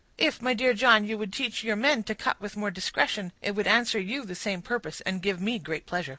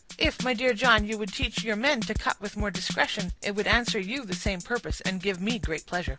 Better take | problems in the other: first | background sound (Drum kit); 8 dB below the speech

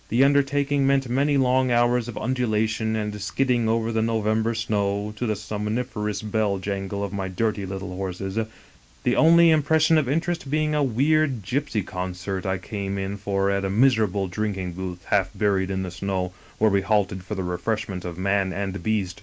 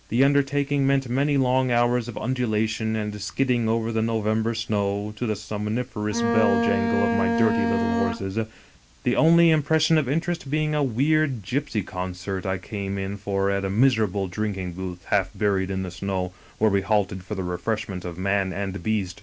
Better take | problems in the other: first | background sound (Bowed string instrument); as loud as the speech

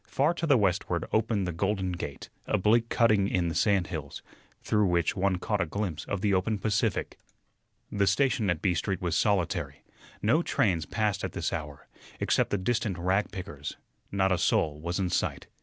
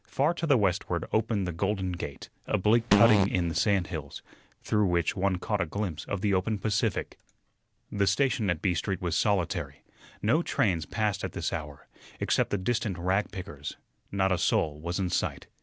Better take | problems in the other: first | background sound (Fart); as loud as the speech

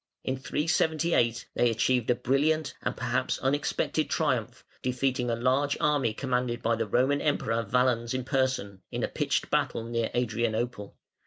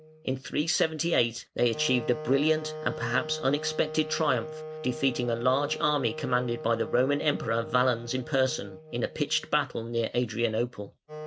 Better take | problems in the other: first | background sound (Wind instrument, woodwind instrument); 12 dB below the speech

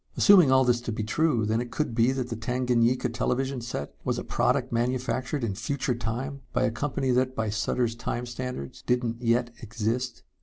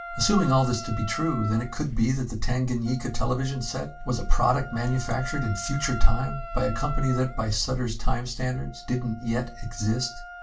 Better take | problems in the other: first | background sound (Wind instrument, woodwind instrument); 15 dB below the speech // room echo; dies away in 0.2 s

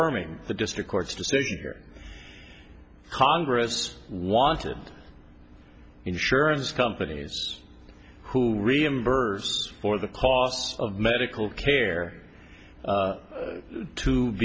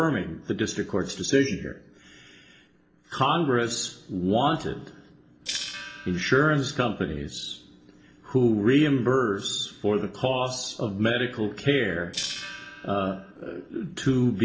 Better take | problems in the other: first | noise reduction (neural separator model SepFormer DNS4)

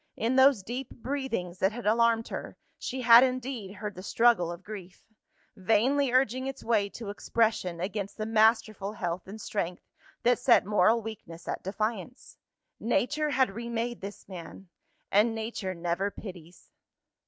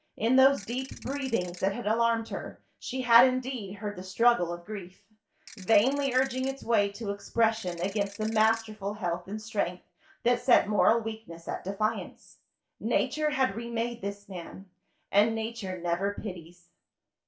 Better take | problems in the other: first | background sound (Ratchet, pawl / Percussion); 18 dB below the speech // room echo; dies away in 0.3 s

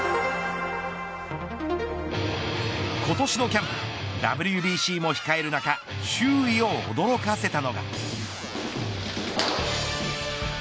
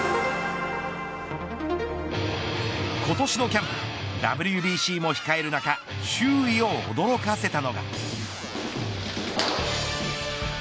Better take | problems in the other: first | background sound (Keyboard (musical)); 19 dB below the speech

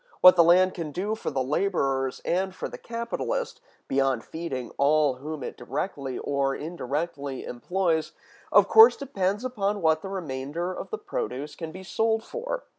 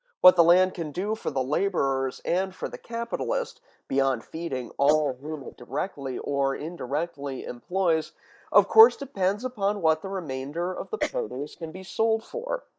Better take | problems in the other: first | noise reduction (neural mask model DeepFilterNet 3)

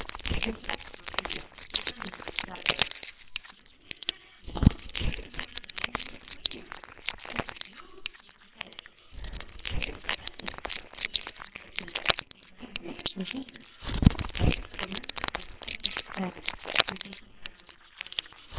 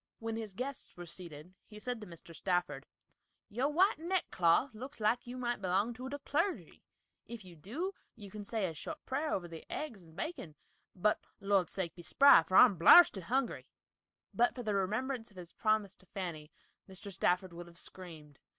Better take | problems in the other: second | noise reduction (neural separator model SepFormer WHAMR!)

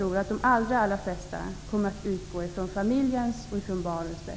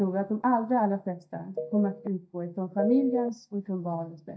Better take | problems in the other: first | noise reduction (neural mask model DeepFilterNet 3)

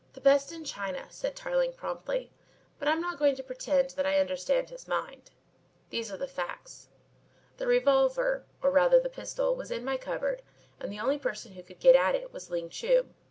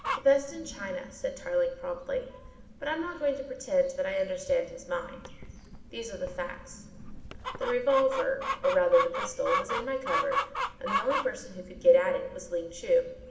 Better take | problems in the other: first | background sound (Chicken, rooster); 7 dB below the speech // room echo; dies away in 1 s

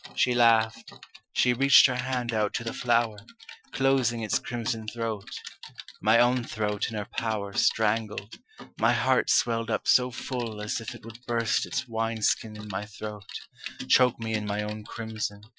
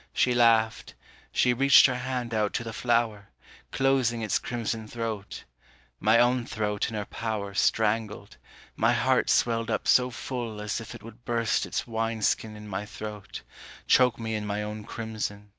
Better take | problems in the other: second | noise reduction (classical method Wiener filter)

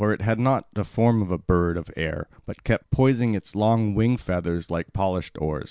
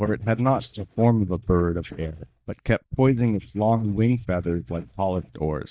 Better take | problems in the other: first | noise reduction (neural mask model DeepFilterNet 3)

